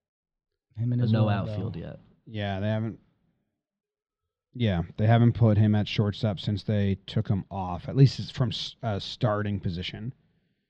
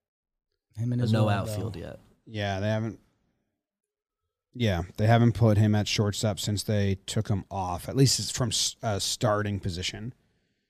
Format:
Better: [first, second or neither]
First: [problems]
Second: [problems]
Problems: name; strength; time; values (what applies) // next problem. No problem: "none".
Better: second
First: muffled; slightly; fading above 4 kHz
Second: none